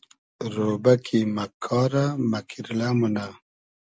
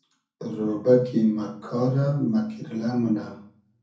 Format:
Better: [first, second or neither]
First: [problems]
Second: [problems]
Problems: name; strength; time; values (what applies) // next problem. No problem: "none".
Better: first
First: none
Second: room echo; dies away in 0.6 s